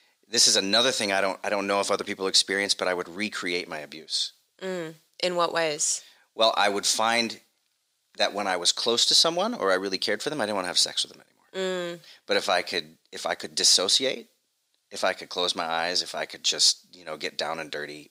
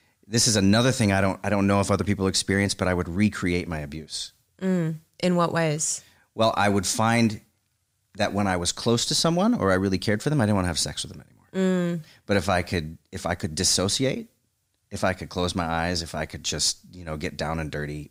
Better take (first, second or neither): second